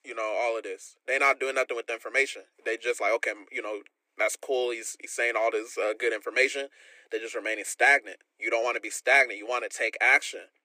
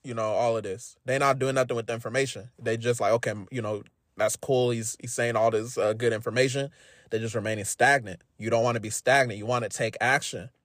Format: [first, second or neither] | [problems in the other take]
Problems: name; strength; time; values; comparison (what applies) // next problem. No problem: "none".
second | thin; very; fading below 300 Hz